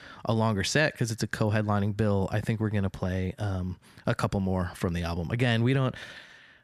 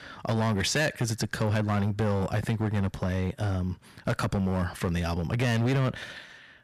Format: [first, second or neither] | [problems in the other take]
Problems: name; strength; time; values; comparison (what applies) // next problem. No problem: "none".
first | distortion; slight; 12% of the sound clipped